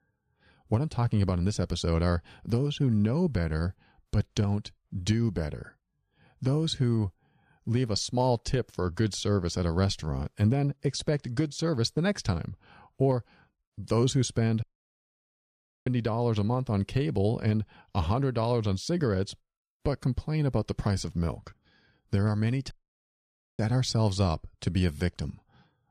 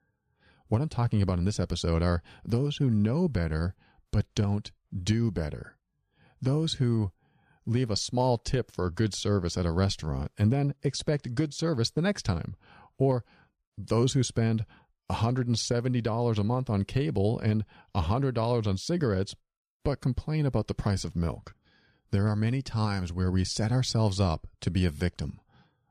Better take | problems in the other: second | audio cutting out; at 15 s for 1 s and at 23 s for 1 s

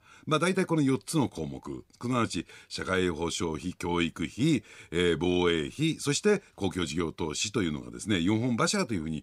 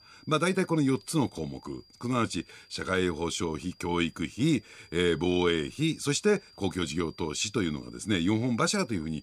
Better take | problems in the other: first | high-pitched whine; faint; throughout; 5 kHz, 25 dB below the speech

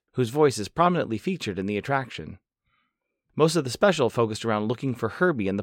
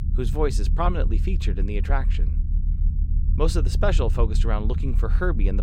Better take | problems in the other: first | low rumble; noticeable; throughout; 15 dB below the speech

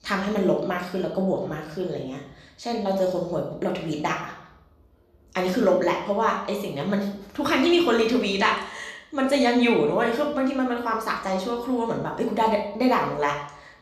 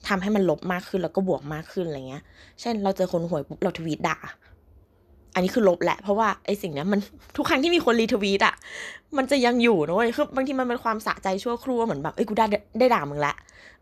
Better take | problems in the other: second | room echo; slight; dies away in 0.6 s // off-mic speech; somewhat distant

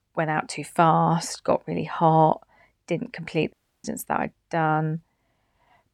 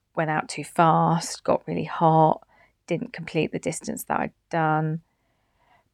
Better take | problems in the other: second | audio cutting out; at 3.5 s

